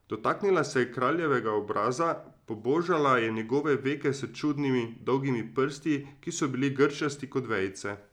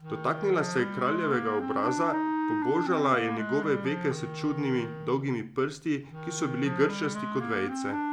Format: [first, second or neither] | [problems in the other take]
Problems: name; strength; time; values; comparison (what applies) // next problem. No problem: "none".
first | background sound (Wind instrument, woodwind instrument); 5 dB below the speech